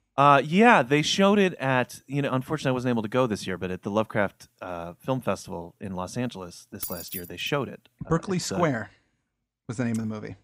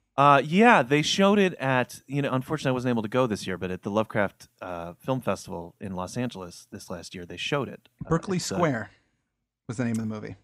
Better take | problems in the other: second | jangling keys; noticeable; at 7 s; peak 8 dB below the speech

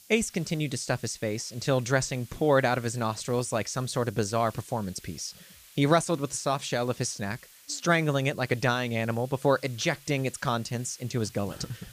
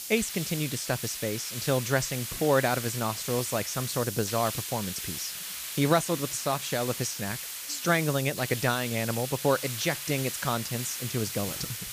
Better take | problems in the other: first | hiss; loud; throughout; 5 dB below the speech; faint in the first

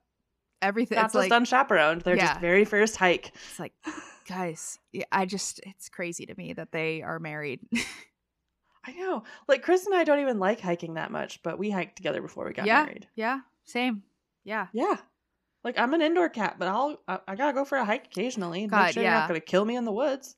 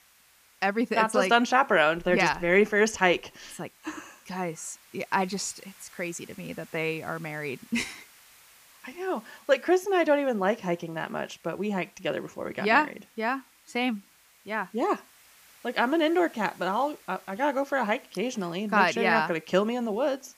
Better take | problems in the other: first | hiss; faint; throughout; 25 dB below the speech

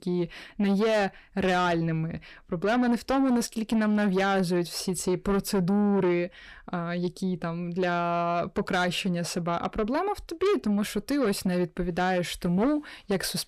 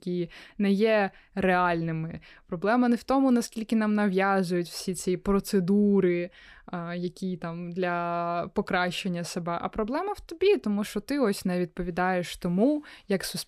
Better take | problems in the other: second | distortion; slight; 10 dB below the speech

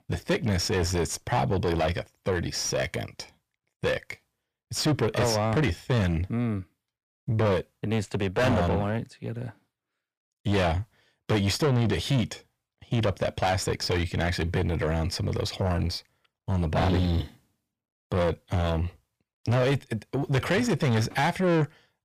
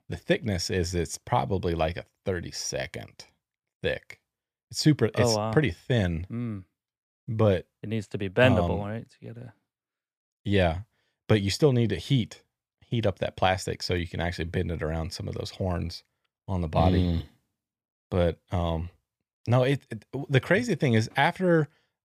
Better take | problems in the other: second | distortion; heavy; 6 dB below the speech

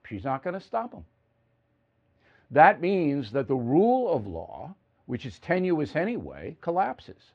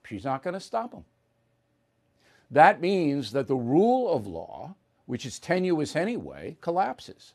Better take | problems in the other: second | muffled; slightly; fading above 2.5 kHz

